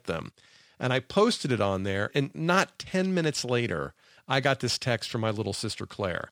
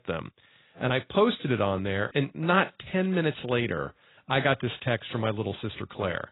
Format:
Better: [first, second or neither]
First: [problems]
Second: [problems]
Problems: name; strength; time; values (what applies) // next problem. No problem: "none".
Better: first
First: none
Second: garbled, watery; badly; nothing above 4 kHz